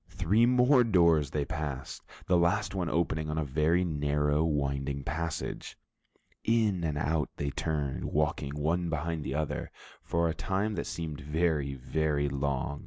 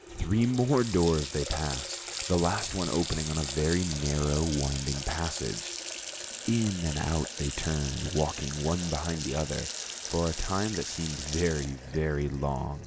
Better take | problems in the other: first | background sound (Water tap, faucet); 8 dB below the speech

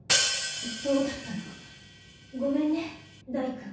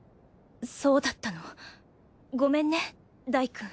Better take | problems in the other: second | background sound (Hi-hat); as loud as the speech // room echo; dies away in 0.6 s

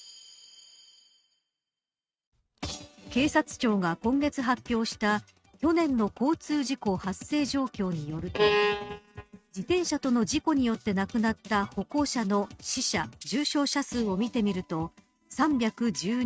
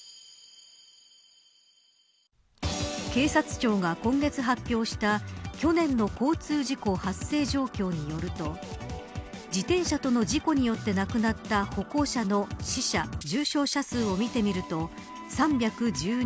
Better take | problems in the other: second | noise reduction (neural mask model RNNoise)

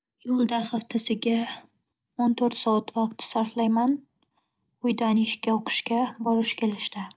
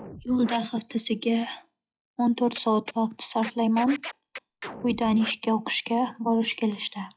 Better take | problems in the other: first | noise reduction (classical method log-MMSE)

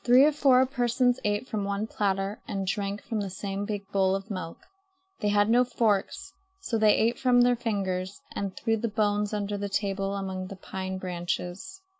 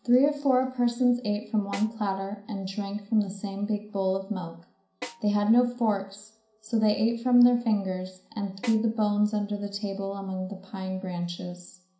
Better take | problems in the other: first | background sound (Snare drum); 17 dB below the speech // room echo; dies away in 0.5 s

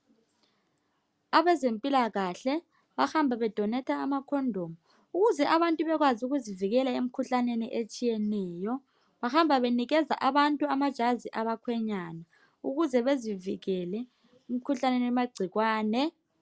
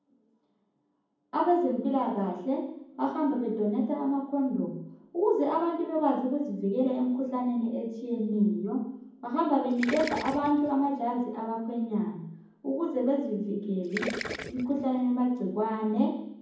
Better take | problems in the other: first | background sound (Gurgling); 10 dB below the speech // room echo; dies away in 1.2 s

